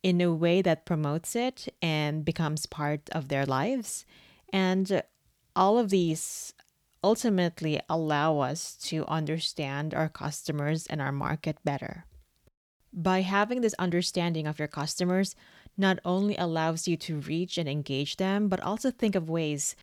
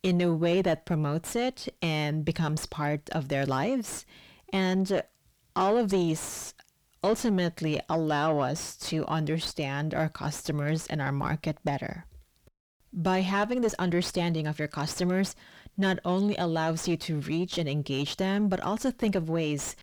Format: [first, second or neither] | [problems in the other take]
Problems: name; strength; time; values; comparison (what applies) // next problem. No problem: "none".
first | distortion; slight; 9 dB below the speech